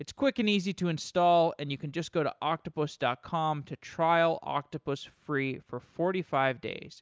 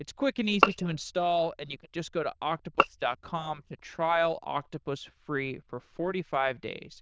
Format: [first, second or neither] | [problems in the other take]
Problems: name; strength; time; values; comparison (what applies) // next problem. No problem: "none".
first | noise reduction (neural diffusion model UNIVERSE++)